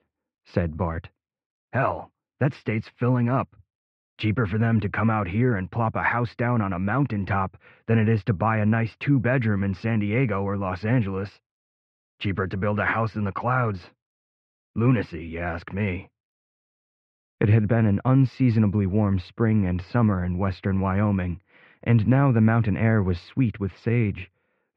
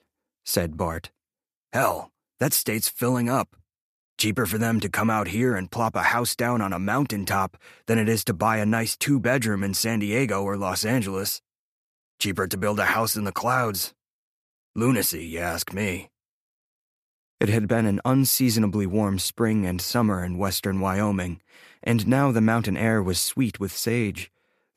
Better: second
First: muffled; very; fading above 2.5 kHz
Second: none

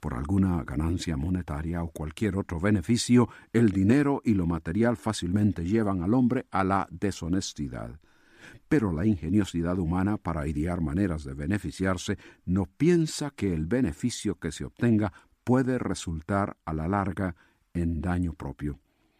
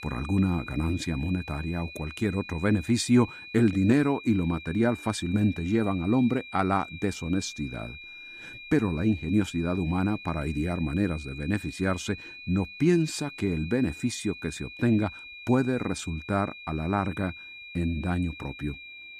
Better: first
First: none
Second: high-pitched whine; noticeable; throughout; 2.5 kHz, 15 dB below the speech

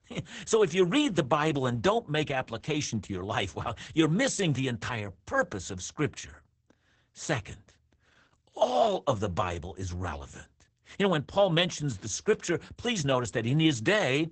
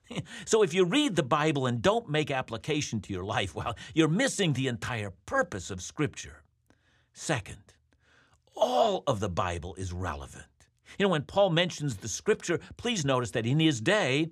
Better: second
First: garbled, watery; badly; nothing above 8 kHz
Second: none

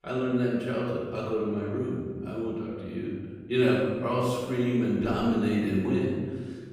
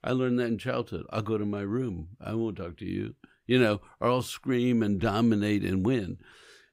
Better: second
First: off-mic speech; far // room echo; strong; dies away in 1.4 s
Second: none

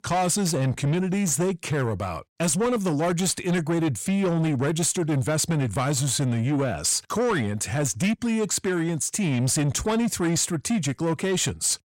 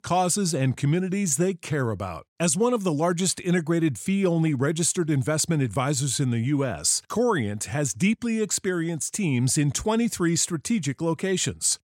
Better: second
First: distortion; slight; 10 dB below the speech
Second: none

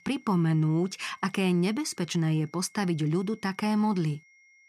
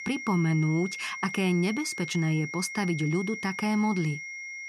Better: first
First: high-pitched whine; faint; throughout; 2 kHz, 30 dB below the speech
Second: high-pitched whine; loud; throughout; 2 kHz, 8 dB below the speech

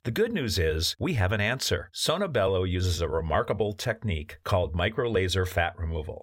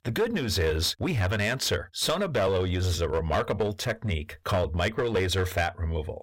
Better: first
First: none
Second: distortion; slight; 12% of the sound clipped

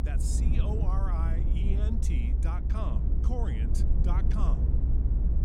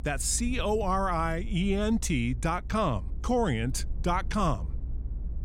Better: second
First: low rumble; loud; throughout; 2 dB below the speech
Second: low rumble; faint; throughout; 25 dB below the speech

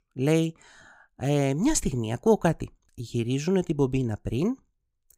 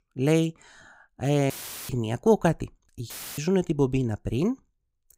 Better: first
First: none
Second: audio cutting out; filled with static; at 1.5 s and at 3 s

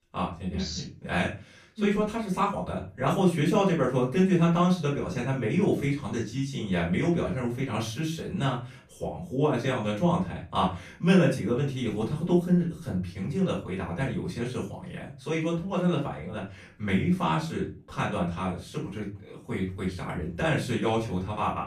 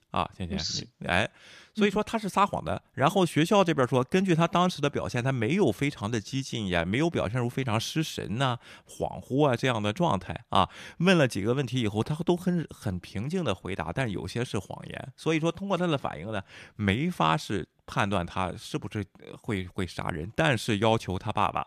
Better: second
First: off-mic speech; far // room echo; slight; dies away in 0.3 s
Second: none

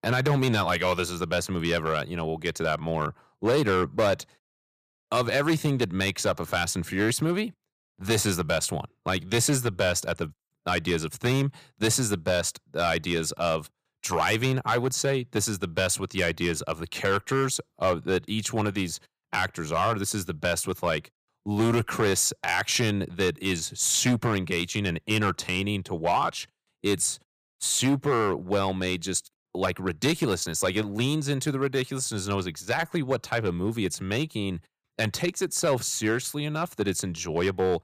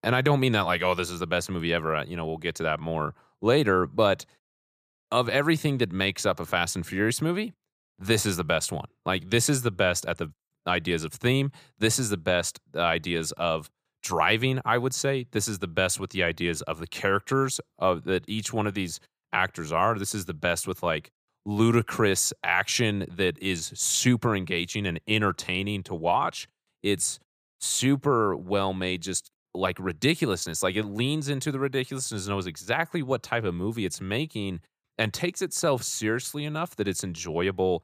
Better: second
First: distortion; slight; 4% of the sound clipped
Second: none

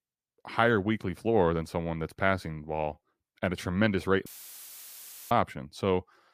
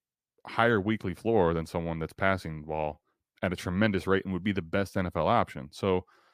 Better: second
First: audio cutting out; filled with static; at 4.5 s for 1 s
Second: none

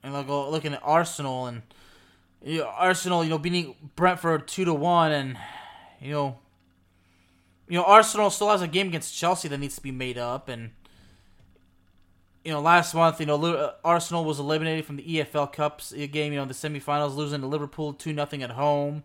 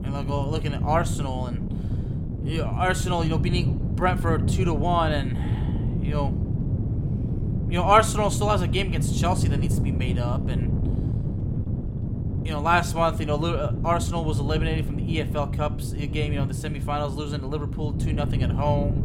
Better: first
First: none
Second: wind noise on the microphone; occasional gusts; 10 dB below the speech

